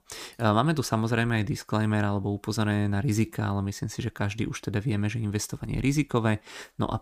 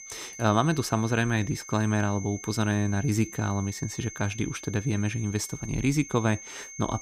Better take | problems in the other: first | high-pitched whine; noticeable; throughout; 6.5 kHz, 15 dB below the speech

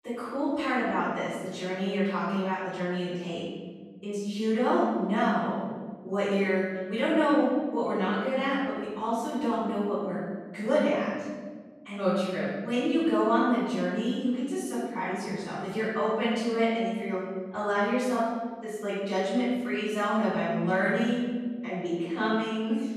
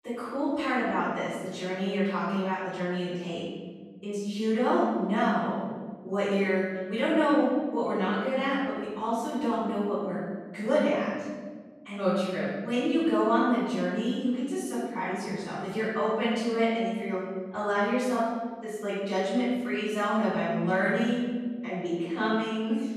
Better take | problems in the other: neither | off-mic speech; far; the same in both // room echo; strong; dies away in 1.4 s; the same in both

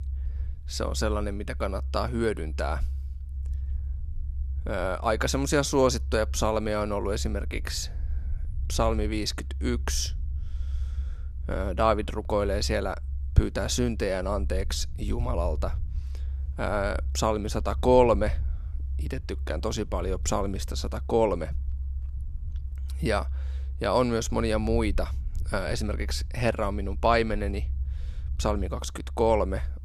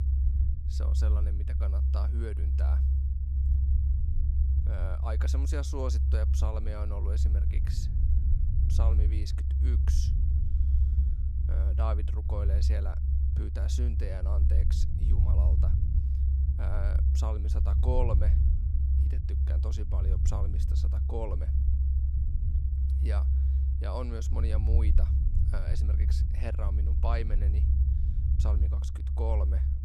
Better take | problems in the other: first | low rumble; loud; throughout; 3 dB below the speech; faint in the first

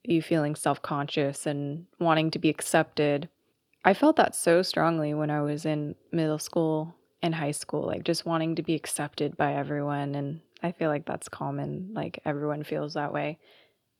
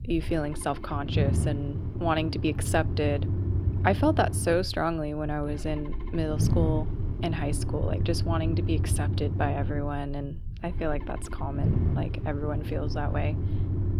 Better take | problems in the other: first | low rumble; loud; throughout; 10 dB below the speech

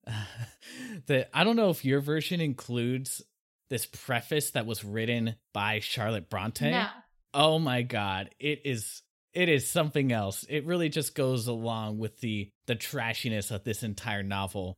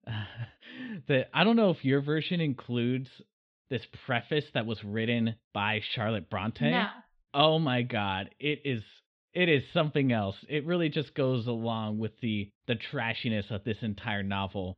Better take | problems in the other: first | muffled; slightly; fading above 3.5 kHz

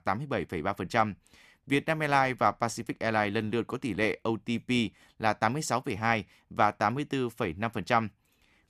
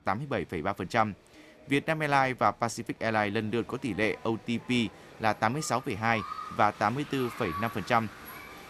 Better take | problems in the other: first | crowd noise; noticeable; throughout; 15 dB below the speech

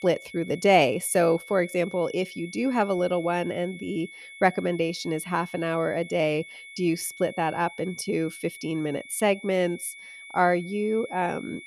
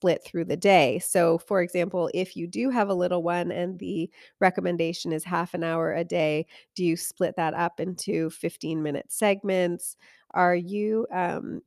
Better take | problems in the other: second | high-pitched whine; noticeable; throughout; 2 kHz, 15 dB below the speech

